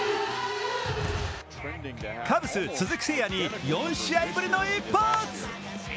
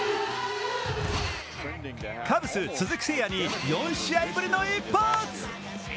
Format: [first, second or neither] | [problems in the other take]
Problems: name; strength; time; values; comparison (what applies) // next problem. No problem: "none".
first | background sound (Drill); 14 dB below the speech